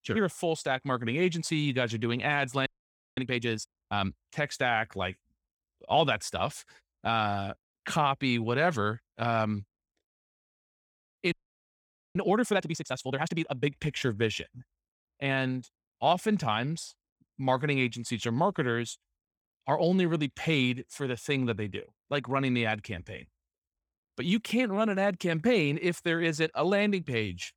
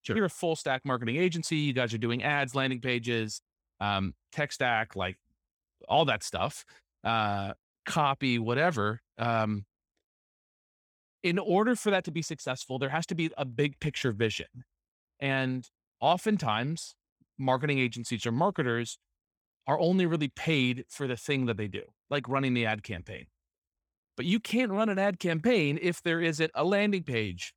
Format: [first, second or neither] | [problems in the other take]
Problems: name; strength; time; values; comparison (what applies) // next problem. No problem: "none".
second | audio freezing; at 2.5 s for 0.5 s and at 11 s for 1 s